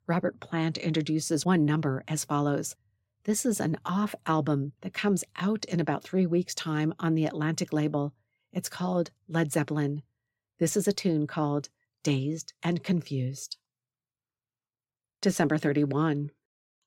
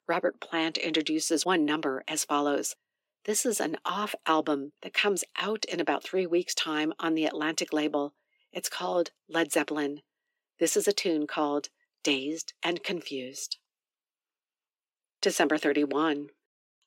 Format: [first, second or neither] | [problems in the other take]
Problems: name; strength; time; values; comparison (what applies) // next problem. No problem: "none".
first | thin; somewhat; fading below 300 Hz